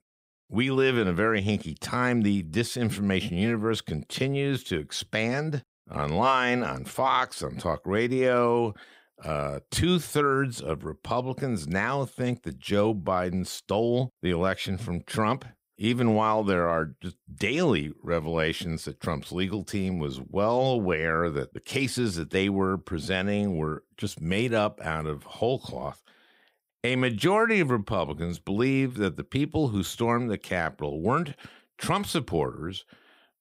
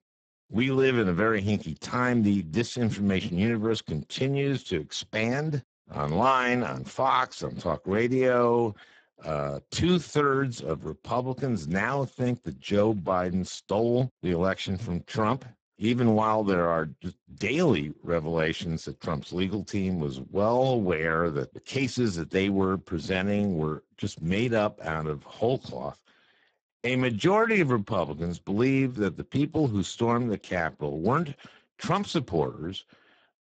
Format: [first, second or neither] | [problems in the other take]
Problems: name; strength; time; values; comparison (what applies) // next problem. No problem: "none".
first | garbled, watery; badly; nothing above 7.5 kHz